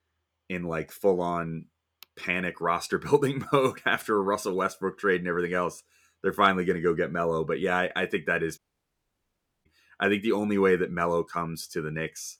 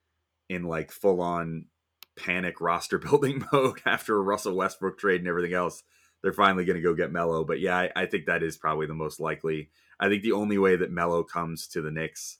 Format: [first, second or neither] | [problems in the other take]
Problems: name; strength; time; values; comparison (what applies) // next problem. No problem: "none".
second | audio cutting out; at 8.5 s for 1 s